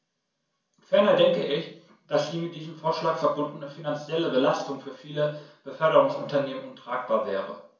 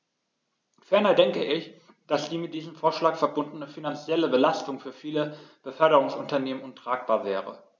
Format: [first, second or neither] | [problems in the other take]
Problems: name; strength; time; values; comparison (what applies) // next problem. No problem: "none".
second | room echo; dies away in 0.4 s